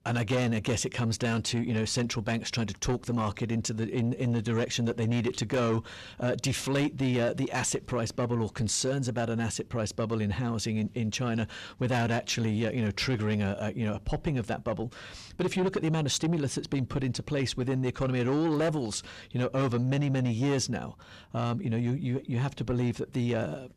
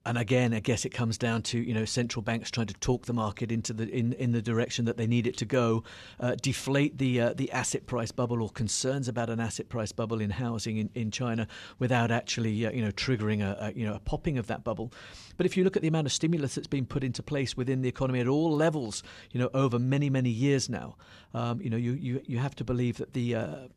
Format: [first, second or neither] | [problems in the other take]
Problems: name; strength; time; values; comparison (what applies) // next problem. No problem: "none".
second | distortion; slight; 10 dB below the speech